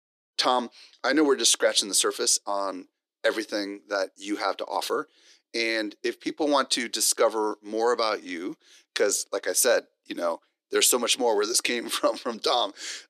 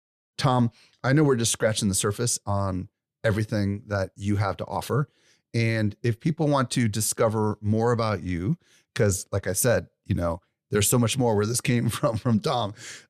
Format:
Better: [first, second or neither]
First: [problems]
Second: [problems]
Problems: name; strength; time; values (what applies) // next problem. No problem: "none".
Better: second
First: thin; somewhat; fading below 300 Hz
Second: none